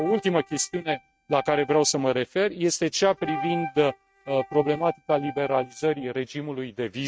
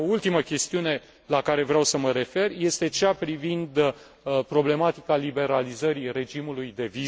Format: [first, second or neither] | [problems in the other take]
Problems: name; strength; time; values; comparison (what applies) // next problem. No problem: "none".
second | noise reduction (neural mask model RNNoise)